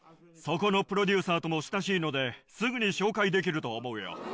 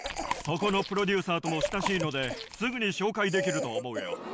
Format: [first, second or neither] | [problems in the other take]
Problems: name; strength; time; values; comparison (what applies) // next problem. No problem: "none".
first | background sound (Chewing, mastication + Cough); 6 dB below the speech